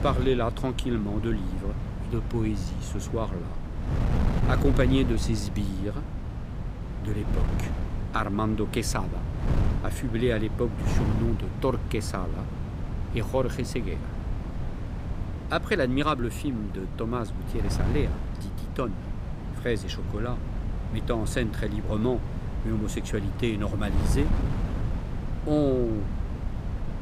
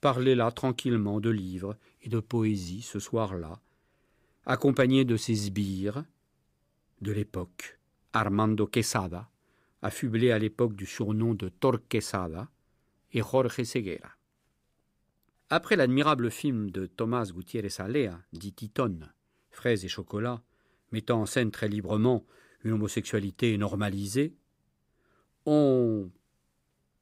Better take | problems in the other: second | wind noise on the microphone; heavy; 9 dB below the speech

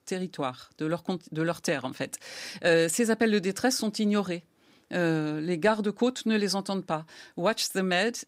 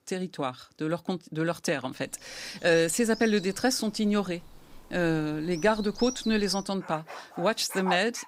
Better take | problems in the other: first | animal sounds; noticeable; from 2 s on; 15 dB below the speech

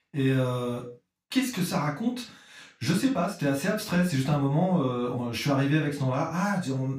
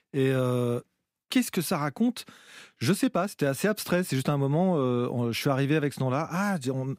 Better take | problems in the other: second | room echo; noticeable; dies away in 0.3 s // off-mic speech; far

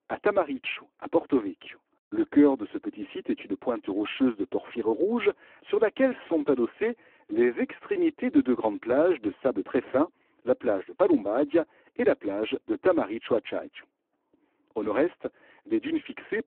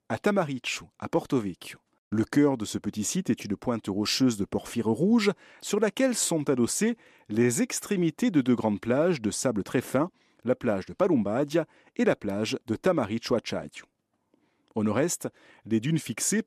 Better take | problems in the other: second | phone-call audio; poor line

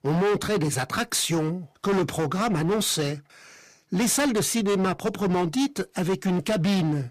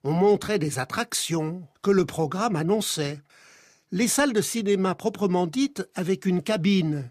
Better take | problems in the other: second | distortion; heavy; 20% of the sound clipped

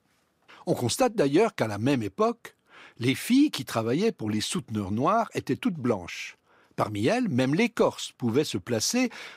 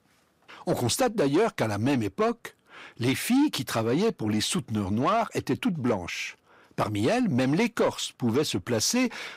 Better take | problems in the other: first | distortion; slight; 10 dB below the speech

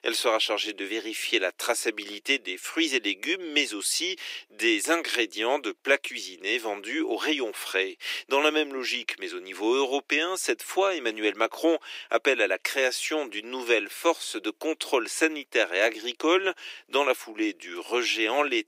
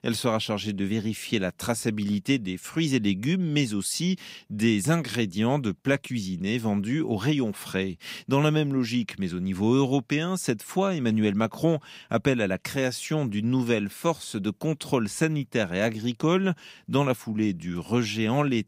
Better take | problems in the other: second | thin; very; fading below 300 Hz

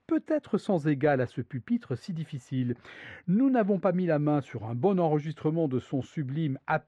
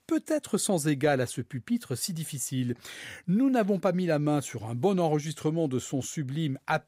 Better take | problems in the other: second | muffled; very; fading above 2 kHz

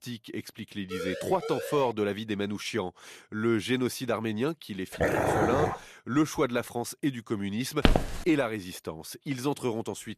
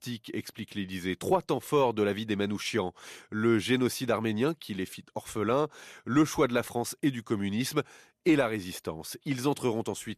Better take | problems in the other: second | siren; noticeable; from 1 to 2 s; peak 5 dB below the speech // dog barking; loud; at 5 s; peak 5 dB above the speech // footsteps; loud; at 8 s; peak 5 dB above the speech

